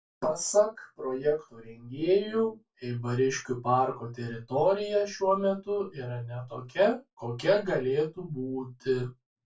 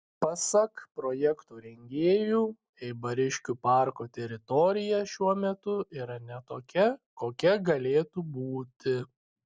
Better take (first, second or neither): second